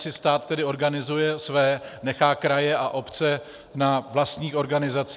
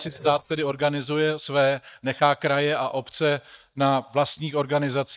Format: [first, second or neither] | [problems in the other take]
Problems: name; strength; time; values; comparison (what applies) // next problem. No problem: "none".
first | noise reduction (neural mask model DeepFilterNet 3)